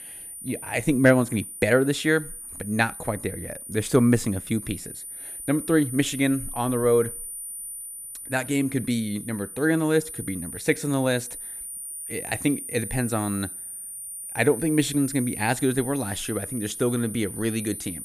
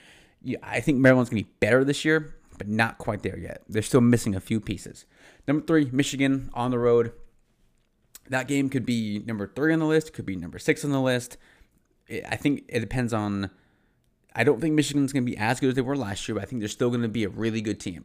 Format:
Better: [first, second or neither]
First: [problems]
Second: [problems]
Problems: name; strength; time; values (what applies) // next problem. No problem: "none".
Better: second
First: high-pitched whine; loud; throughout; 9.5 kHz, 9 dB below the speech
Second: none